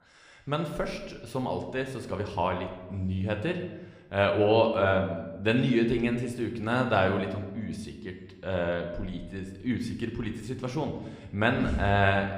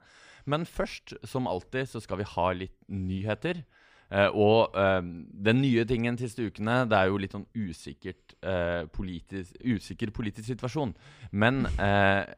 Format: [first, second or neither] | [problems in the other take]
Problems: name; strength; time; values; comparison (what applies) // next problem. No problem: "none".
second | room echo; slight; dies away in 0.8 s